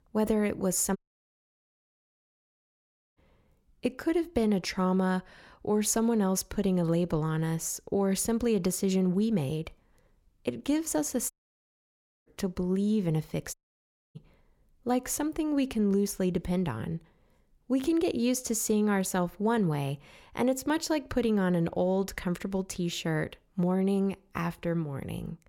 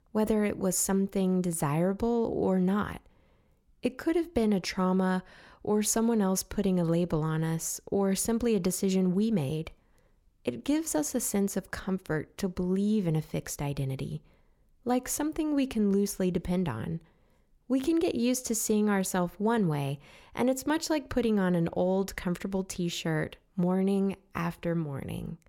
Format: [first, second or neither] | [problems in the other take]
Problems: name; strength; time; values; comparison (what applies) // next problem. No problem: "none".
second | audio cutting out; at 1 s for 2 s, at 11 s for 1 s and at 14 s for 0.5 s